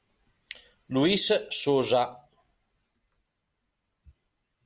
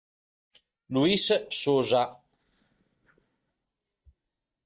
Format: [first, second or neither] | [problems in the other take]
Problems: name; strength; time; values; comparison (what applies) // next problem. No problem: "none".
first | noise reduction (neural mask model DeepFilterNet 3)